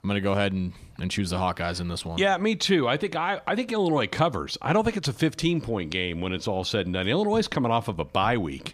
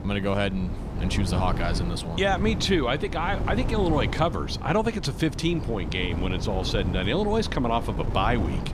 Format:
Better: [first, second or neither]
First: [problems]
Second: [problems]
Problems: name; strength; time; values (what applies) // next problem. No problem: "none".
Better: first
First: none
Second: wind noise on the microphone; occasional gusts; 10 dB below the speech